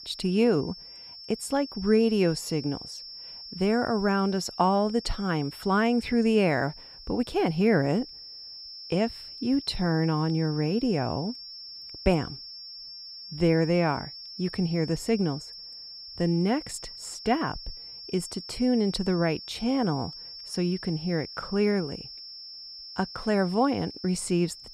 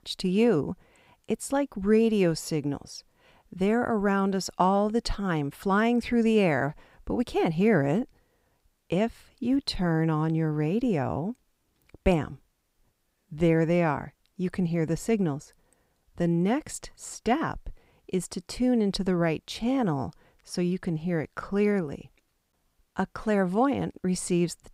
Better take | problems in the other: second | high-pitched whine; noticeable; throughout; 5.5 kHz, 15 dB below the speech

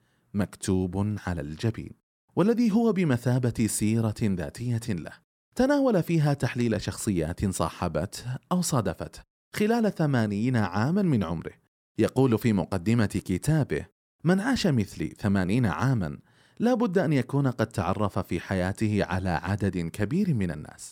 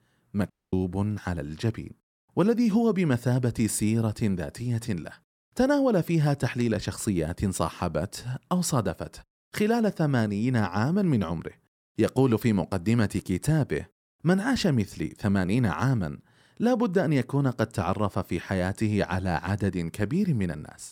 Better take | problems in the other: first | audio cutting out; at 0.5 s

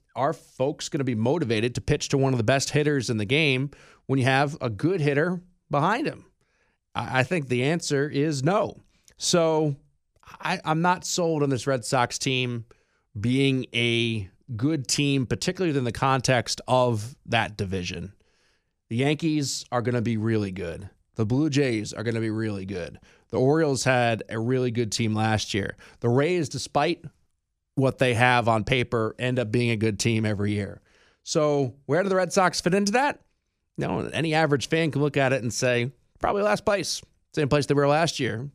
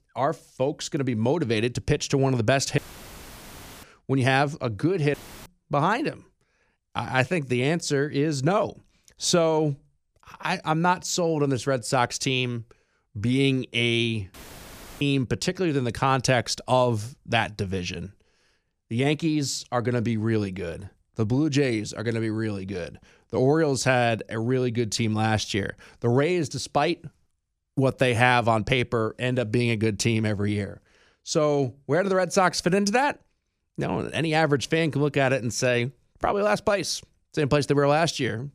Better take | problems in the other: first | audio cutting out; filled with static; at 3 s for 1 s, at 5 s and at 14 s for 0.5 s

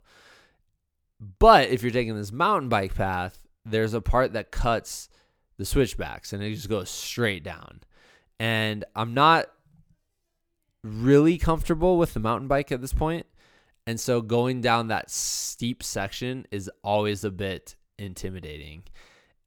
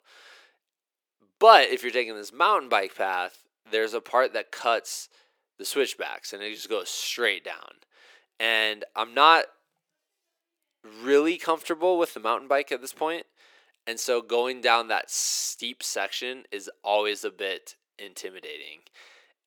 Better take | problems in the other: first | thin; very; fading below 350 Hz

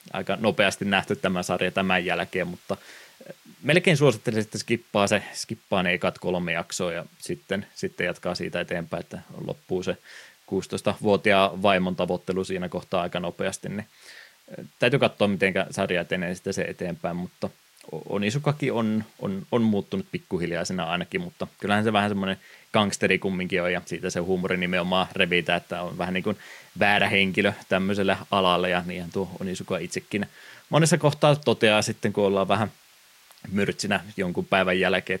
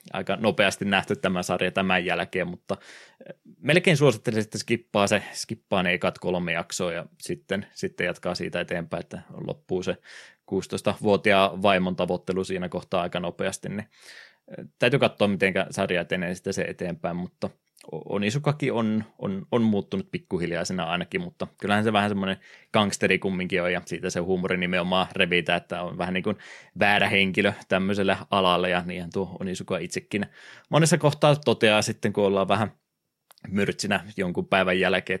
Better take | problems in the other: second | hiss; faint; throughout; 30 dB below the speech

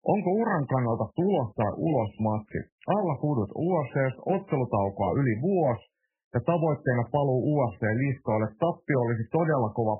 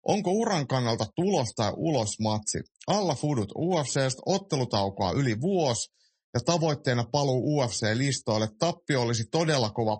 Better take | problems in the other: second | garbled, watery; badly; nothing above 3 kHz; slightly in the second

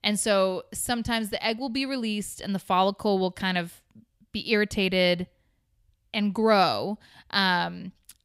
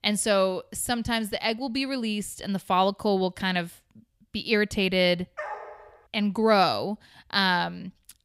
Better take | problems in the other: first | dog barking; faint; at 5.5 s; peak 10 dB below the speech

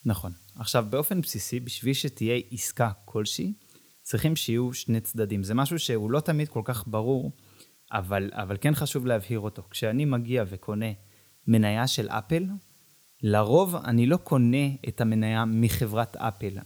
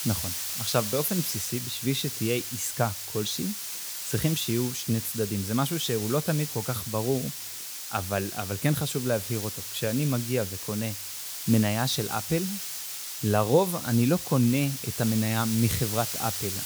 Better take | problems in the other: first | hiss; loud; throughout; 4 dB below the speech; faint in the first

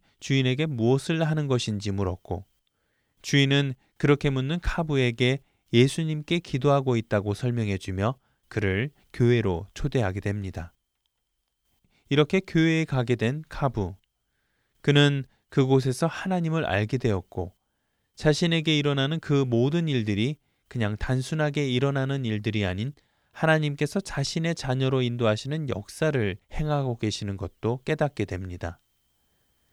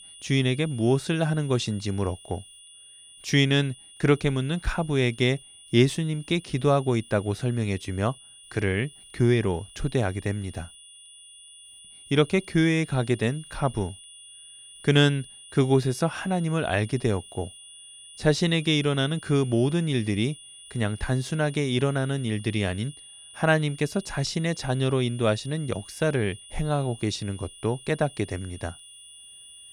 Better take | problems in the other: first | high-pitched whine; noticeable; throughout; 9.5 kHz, 20 dB below the speech

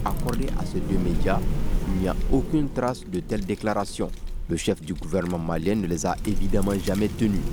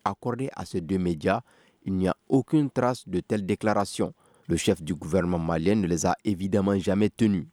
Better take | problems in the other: second | wind noise on the microphone; occasional gusts; 10 dB below the speech

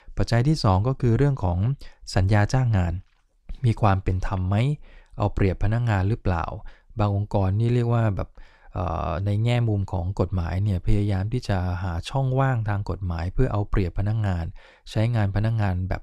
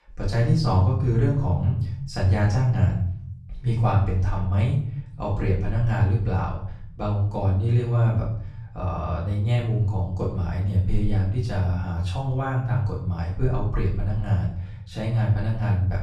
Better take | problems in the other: first | off-mic speech; far // room echo; noticeable; dies away in 0.6 s

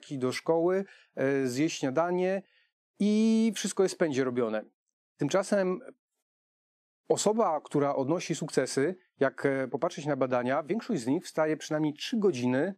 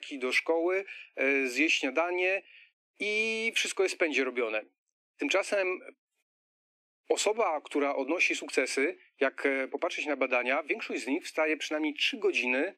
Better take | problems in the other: first | thin; very slightly; fading below 250 Hz

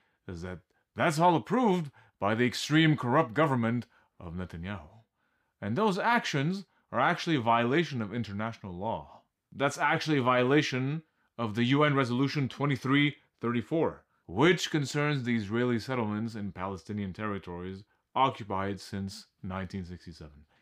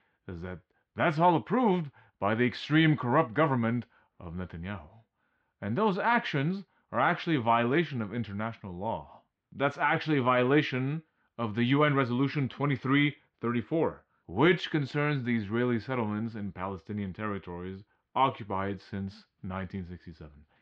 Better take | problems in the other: first | muffled; slightly; fading above 3.5 kHz

